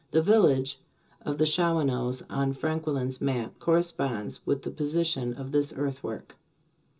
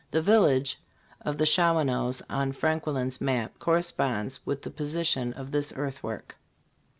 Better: second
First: room echo; dies away in 0.2 s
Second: none

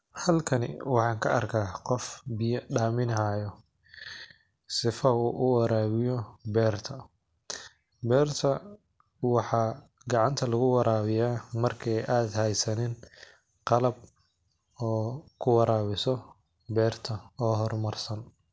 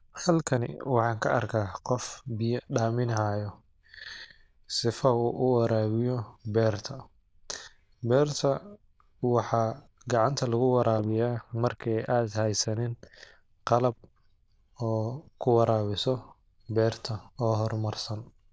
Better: first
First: none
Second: noise reduction (neural diffusion model UNIVERSE++)

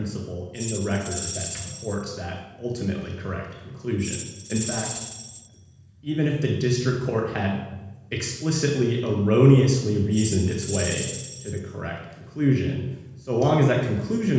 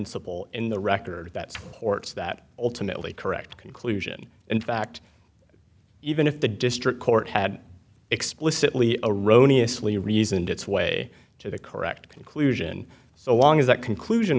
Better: second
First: background sound (Tambourine); 11 dB below the speech // room echo; dies away in 1.1 s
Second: none

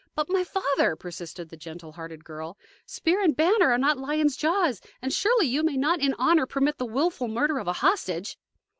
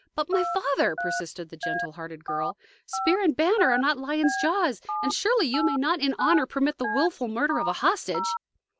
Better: first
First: none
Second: background sound (Telephone); 6 dB below the speech

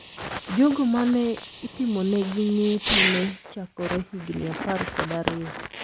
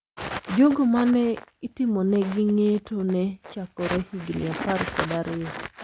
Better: second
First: background sound (Fireworks); 7 dB below the speech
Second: none

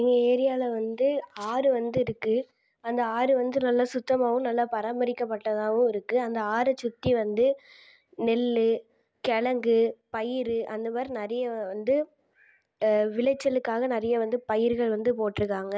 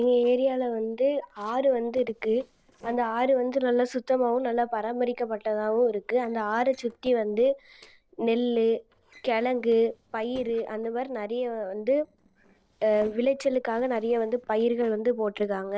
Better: first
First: none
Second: noise reduction (neural separator model SepFormer DNS4)

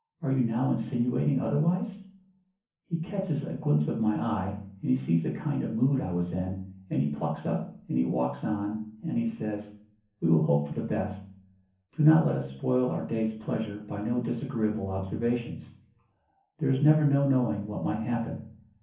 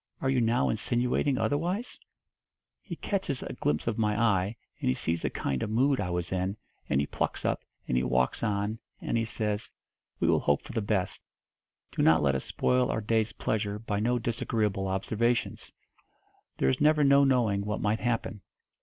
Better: second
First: room echo; dies away in 0.6 s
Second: none

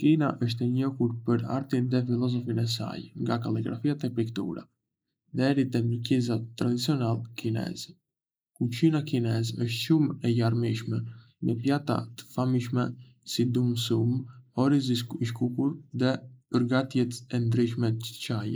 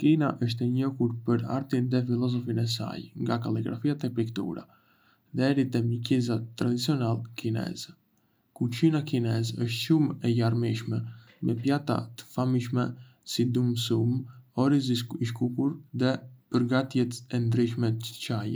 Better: second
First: noise reduction (neural mask model Resemble Enhance denoiser)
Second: none

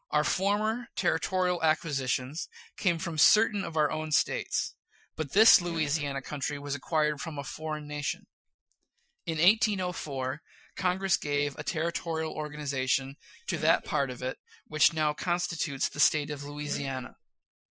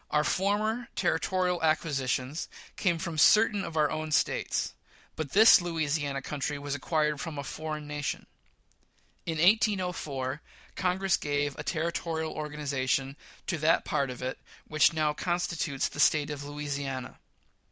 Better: second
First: noise reduction (classical method Wiener filter)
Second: none

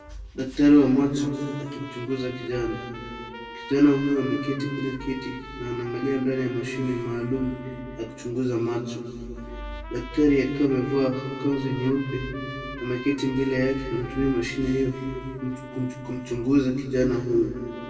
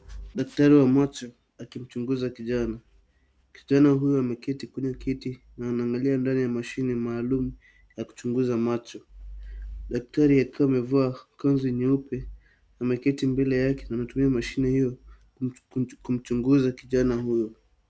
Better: second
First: background sound (Trumpet); 16 dB below the speech // room echo; dies away in 2.1 s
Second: none

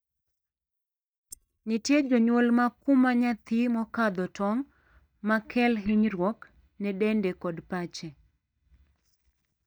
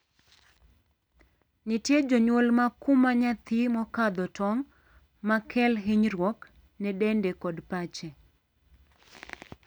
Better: second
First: noise reduction (neural mask model DeepFilterNet 3)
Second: none

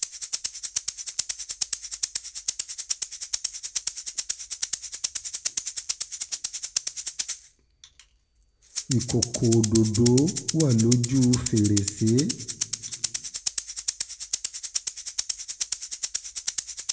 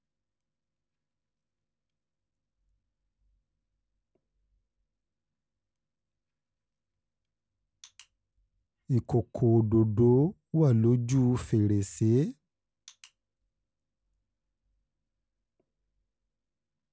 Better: second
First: background sound (Rattle (instrument)); 3 dB below the speech // room echo; dies away in 1 s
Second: none

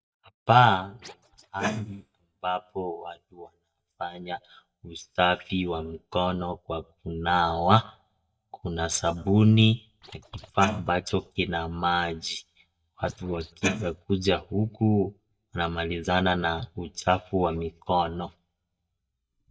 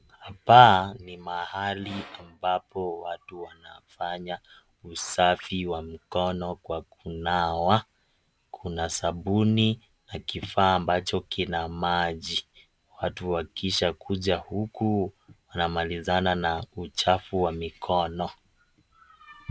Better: second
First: noise reduction (neural mask model DeepFilterNet 3)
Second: none

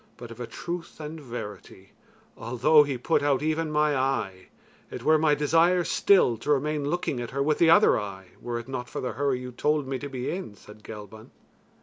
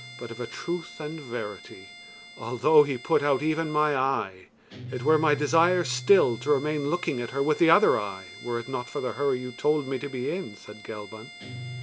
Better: first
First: none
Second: background sound (Guitar + Bowed string instrument); 16 dB below the speech

